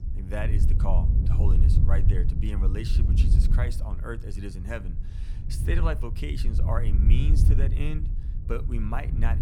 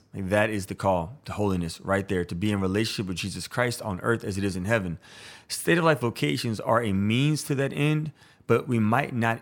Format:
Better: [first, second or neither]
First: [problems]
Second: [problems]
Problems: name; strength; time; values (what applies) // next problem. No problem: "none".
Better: second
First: low rumble; loud; throughout; 4 dB below the speech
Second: none